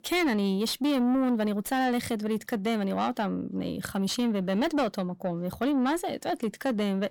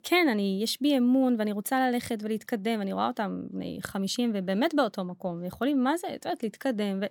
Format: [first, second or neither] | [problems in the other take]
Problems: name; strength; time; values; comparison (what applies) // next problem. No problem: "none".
second | distortion; slight; 10 dB below the speech